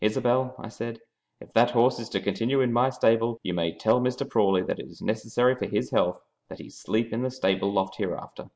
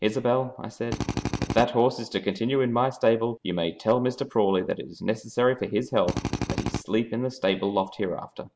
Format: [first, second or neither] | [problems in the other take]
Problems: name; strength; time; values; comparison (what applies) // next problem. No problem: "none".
first | background sound (Drill); 3 dB below the speech